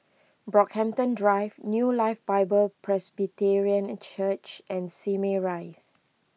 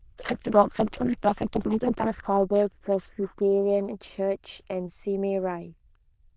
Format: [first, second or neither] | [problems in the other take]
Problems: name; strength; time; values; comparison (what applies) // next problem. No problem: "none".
first | noise reduction (neural diffusion model UNIVERSE++)